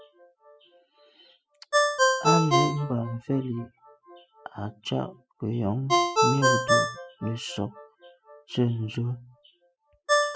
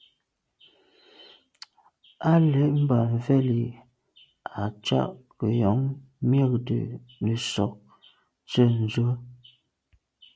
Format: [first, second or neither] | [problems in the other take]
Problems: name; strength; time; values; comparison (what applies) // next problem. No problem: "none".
second | noise reduction (classical method spectral subtraction)